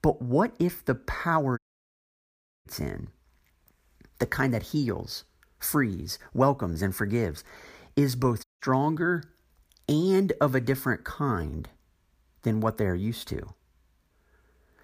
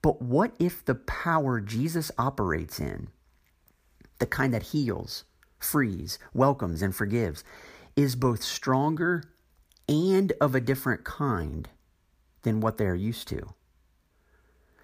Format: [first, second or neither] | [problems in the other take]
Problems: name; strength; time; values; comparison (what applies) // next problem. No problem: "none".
second | audio cutting out; at 1.5 s for 1 s and at 8.5 s